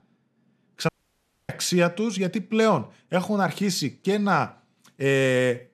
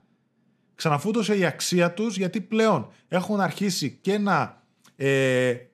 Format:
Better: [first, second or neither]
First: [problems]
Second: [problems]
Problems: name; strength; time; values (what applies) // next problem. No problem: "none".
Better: second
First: audio cutting out; at 1 s for 0.5 s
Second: none